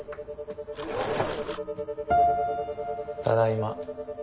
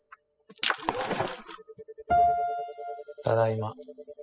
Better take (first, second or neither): first